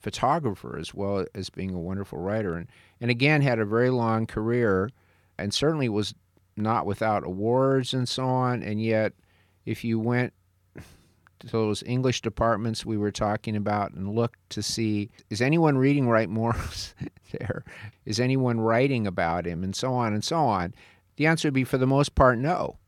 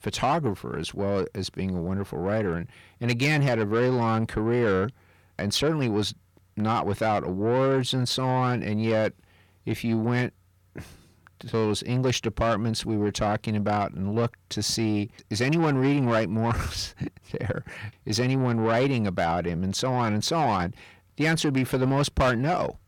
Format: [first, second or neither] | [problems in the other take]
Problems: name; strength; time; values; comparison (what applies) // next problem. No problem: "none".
first | distortion; slight; 10 dB below the speech